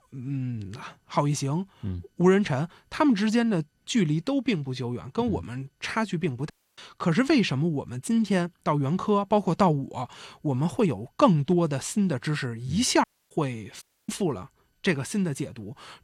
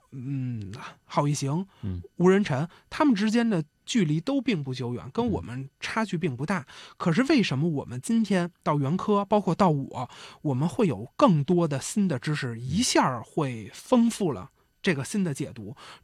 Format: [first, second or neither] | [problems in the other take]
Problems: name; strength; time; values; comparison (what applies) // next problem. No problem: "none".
second | audio cutting out; at 6.5 s, at 13 s and at 14 s